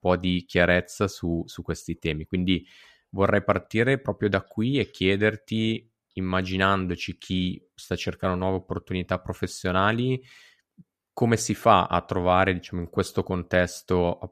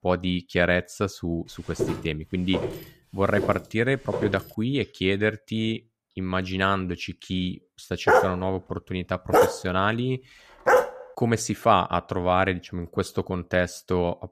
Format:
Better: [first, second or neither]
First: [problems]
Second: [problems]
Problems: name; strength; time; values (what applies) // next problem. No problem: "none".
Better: first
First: none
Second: footsteps; noticeable; from 2 to 4.5 s; peak 4 dB below the speech // dog barking; loud; from 8 to 11 s; peak 6 dB above the speech